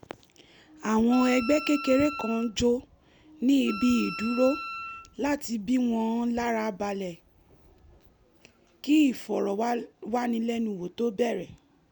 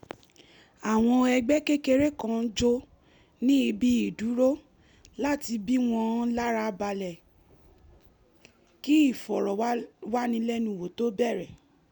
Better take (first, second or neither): second